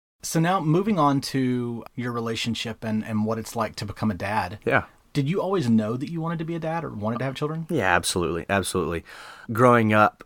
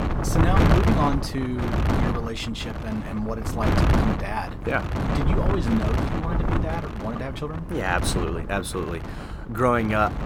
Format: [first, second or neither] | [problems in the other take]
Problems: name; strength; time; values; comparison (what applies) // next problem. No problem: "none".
first | wind noise on the microphone; heavy; 2 dB below the speech